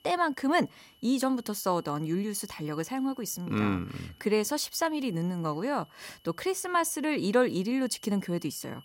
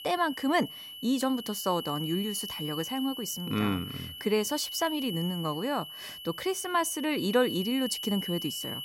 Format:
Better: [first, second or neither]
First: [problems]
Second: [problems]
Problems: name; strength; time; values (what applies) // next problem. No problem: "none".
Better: first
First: high-pitched whine; faint; throughout; 3 kHz, 25 dB below the speech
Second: high-pitched whine; loud; throughout; 3 kHz, 7 dB below the speech